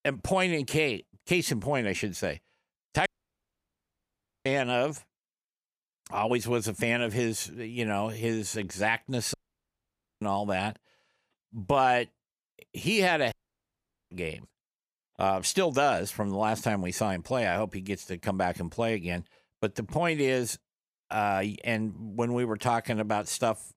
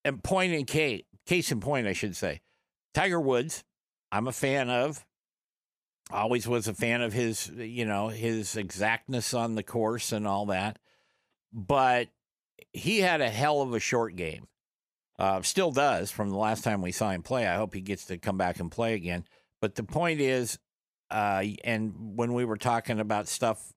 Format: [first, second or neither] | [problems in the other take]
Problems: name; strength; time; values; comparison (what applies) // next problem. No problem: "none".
second | audio cutting out; at 3 s for 1.5 s, at 9.5 s for 1 s and at 13 s for 1 s